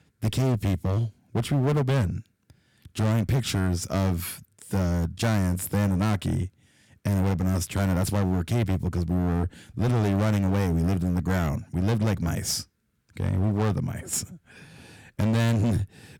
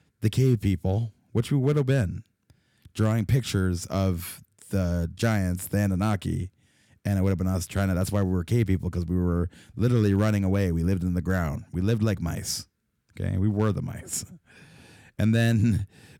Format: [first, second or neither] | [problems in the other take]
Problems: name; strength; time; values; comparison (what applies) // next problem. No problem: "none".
second | distortion; slight; 19% of the sound clipped